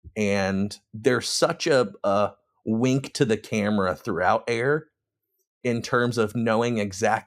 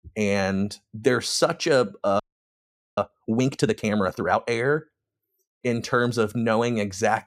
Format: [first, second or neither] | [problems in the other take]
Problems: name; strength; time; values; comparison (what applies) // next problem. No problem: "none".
first | audio freezing; at 2 s for 1 s